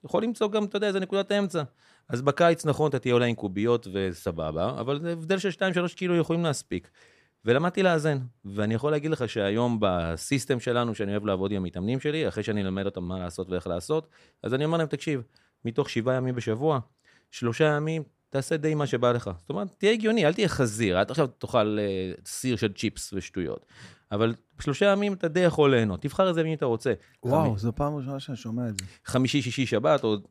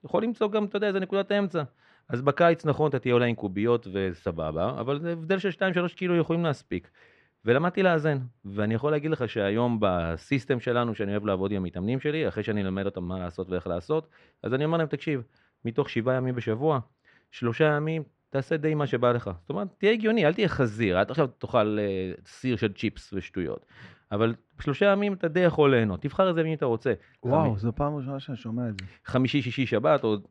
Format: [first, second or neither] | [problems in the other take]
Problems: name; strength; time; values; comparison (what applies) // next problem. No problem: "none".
first | muffled; slightly; fading above 2.5 kHz